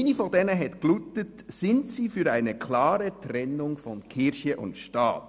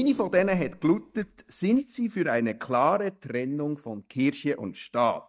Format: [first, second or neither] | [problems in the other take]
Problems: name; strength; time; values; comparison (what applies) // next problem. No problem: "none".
first | noise reduction (neural mask model DeepFilterNet 3)